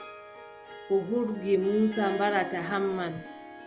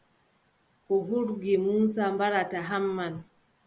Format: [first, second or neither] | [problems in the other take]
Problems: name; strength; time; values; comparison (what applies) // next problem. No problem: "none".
second | background sound (Harp); 12 dB below the speech